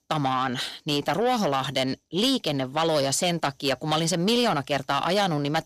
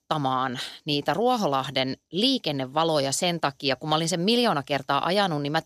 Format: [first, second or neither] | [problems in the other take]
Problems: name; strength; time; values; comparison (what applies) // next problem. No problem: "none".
second | distortion; slight; 10 dB below the speech